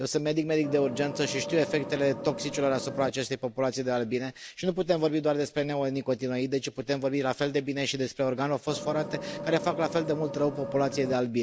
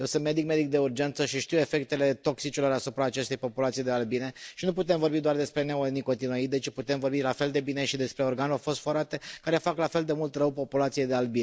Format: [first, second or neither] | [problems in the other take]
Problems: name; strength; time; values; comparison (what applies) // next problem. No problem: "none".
second | background sound (Vehicle); 9 dB below the speech